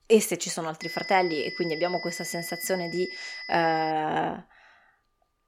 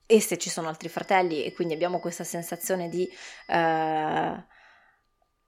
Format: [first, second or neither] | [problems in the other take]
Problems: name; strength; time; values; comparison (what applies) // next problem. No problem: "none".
second | high-pitched whine; loud; from 1 to 4 s; 2 kHz, 8 dB below the speech; faint in the second